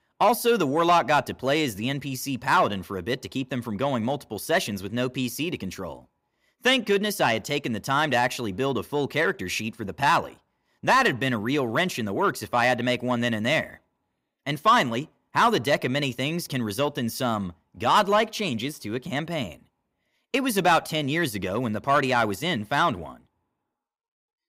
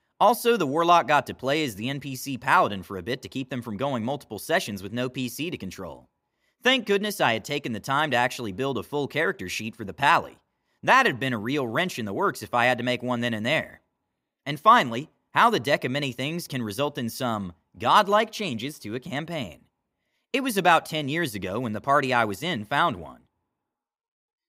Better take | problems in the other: second | distortion; slight; 10 dB below the speech

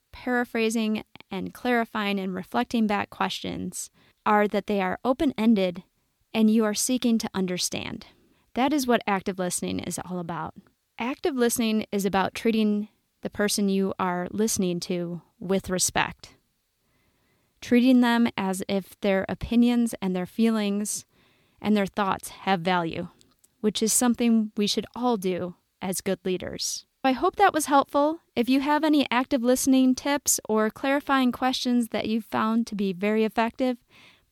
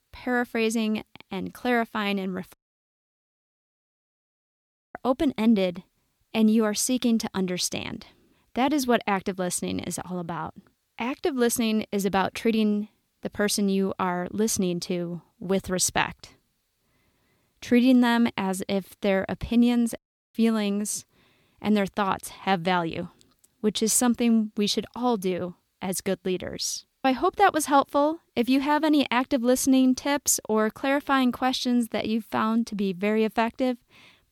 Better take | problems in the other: first | audio cutting out; at 2.5 s for 2.5 s and at 20 s

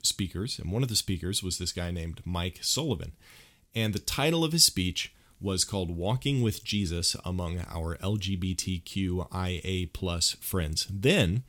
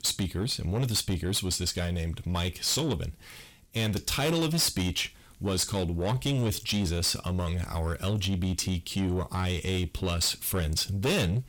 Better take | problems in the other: first | distortion; heavy; 7 dB below the speech

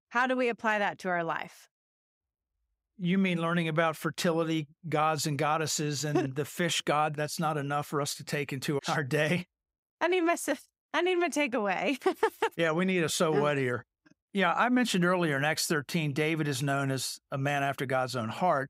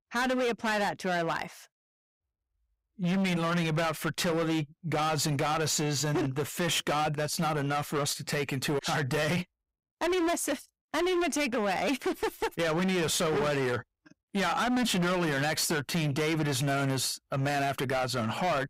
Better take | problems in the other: first | distortion; heavy; 23% of the sound clipped

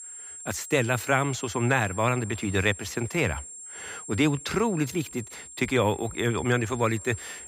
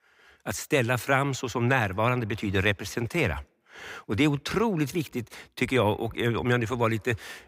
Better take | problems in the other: second | high-pitched whine; noticeable; throughout; 7.5 kHz, 15 dB below the speech

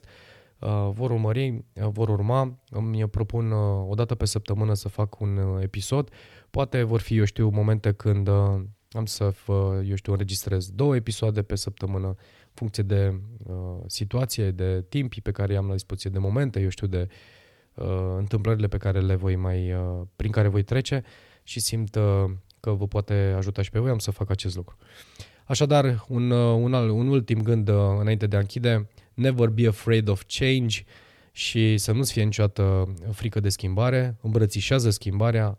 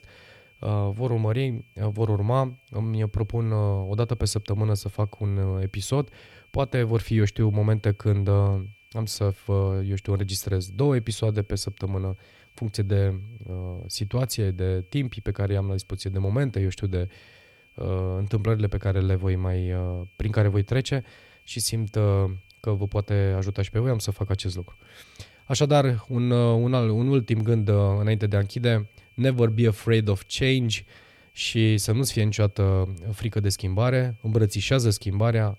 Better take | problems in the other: first | high-pitched whine; faint; throughout; 2.5 kHz, 30 dB below the speech

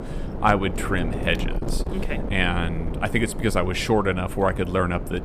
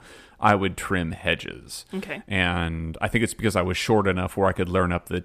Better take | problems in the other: second | wind noise on the microphone; occasional gusts; 10 dB below the speech

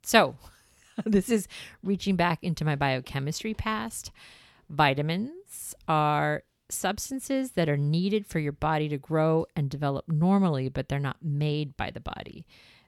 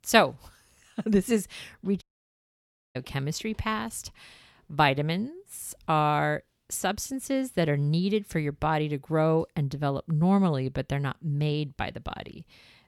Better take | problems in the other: first | audio cutting out; at 2 s for 1 s

